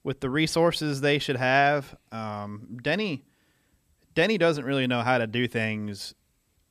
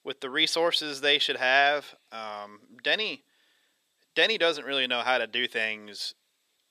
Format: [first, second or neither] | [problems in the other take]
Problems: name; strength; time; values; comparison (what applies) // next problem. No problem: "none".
first | thin; somewhat; fading below 450 Hz